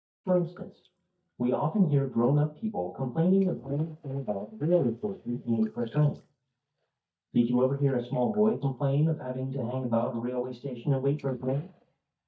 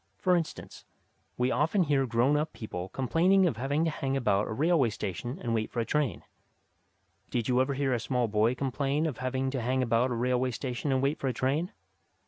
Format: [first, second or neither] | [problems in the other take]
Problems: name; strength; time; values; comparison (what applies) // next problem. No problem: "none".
second | noise reduction (neural mask model DeepFilterNet 3)